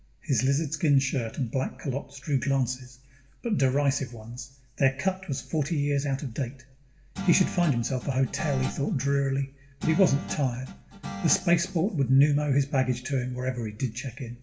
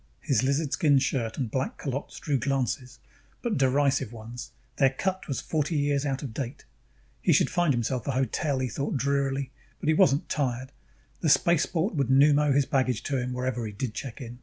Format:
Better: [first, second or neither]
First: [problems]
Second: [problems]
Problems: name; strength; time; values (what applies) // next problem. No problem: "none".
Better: second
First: background sound (Guitar); 11 dB below the speech // room echo; dies away in 0.6 s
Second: none